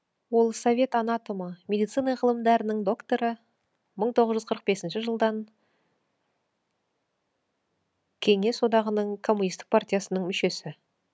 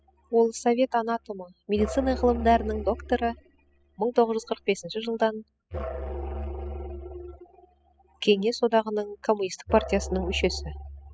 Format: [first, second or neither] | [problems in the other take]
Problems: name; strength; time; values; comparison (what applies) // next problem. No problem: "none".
first | noise reduction (classical method spectral subtraction)